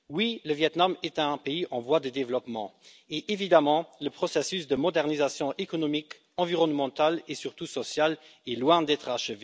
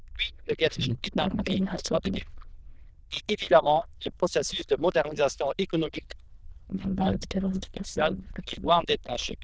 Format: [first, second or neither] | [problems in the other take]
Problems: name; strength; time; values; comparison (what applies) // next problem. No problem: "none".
first | noise reduction (neural diffusion model UNIVERSE++)